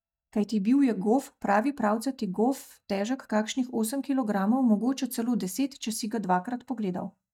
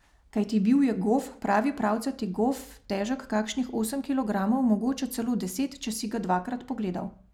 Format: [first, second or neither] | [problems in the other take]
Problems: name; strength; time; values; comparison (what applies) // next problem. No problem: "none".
second | noise reduction (neural mask model DeepFilterNet 3)